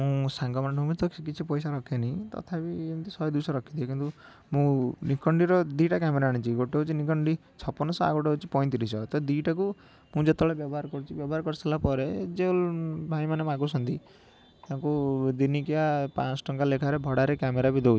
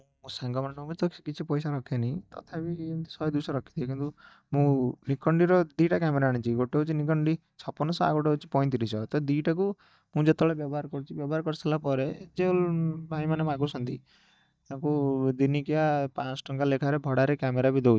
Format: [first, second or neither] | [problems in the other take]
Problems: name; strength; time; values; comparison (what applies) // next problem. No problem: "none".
first | noise reduction (neural mask model DeepFilterNet 3)